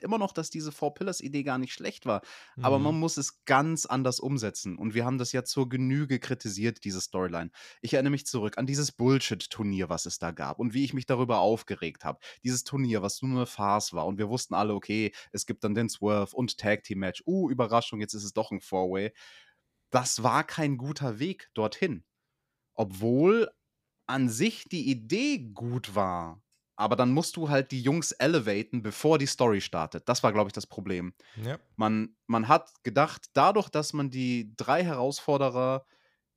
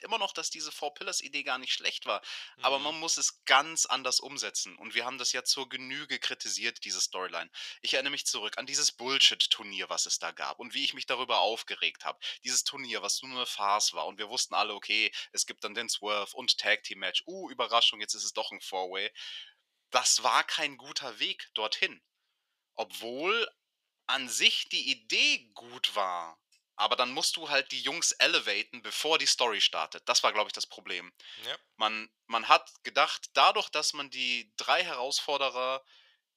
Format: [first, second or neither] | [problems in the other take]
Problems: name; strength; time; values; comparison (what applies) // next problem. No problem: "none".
first | thin; very; fading below 750 Hz